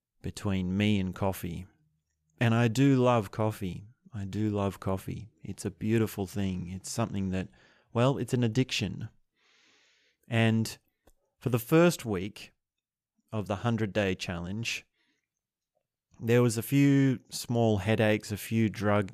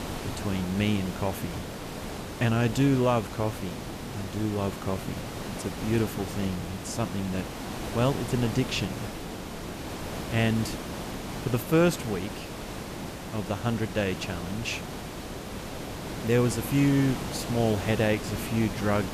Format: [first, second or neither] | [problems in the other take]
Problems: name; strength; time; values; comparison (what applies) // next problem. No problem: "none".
first | hiss; loud; throughout; 8 dB below the speech